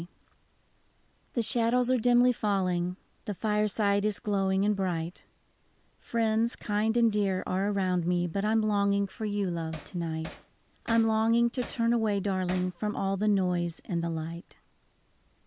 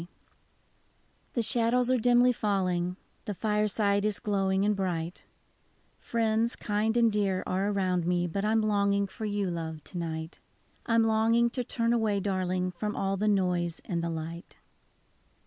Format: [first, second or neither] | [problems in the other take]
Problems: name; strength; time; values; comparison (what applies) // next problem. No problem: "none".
second | background sound (Hammer); 18 dB below the speech